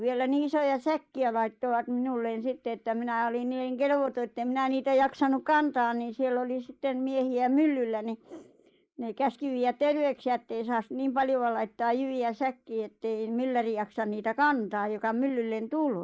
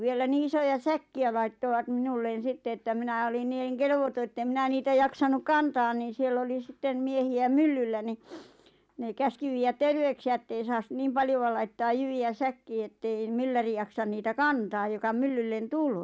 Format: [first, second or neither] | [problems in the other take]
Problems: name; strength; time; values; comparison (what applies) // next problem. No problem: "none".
second | noise reduction (neural mask model Resemble Enhance denoiser)